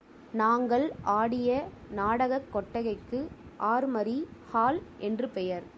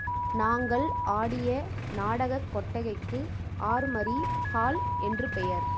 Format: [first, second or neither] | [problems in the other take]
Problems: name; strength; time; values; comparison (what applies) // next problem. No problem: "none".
first | background sound (Idling / Engine starting / Motorcycle / Accelerating, revving, vroom + Alarm); 1 dB below the speech